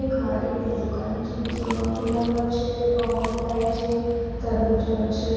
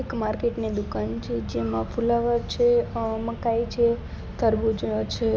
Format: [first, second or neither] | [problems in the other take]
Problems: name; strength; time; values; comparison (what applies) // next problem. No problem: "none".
second | background sound (Chewing, mastication); 15 dB below the speech // room echo; dies away in 2.1 s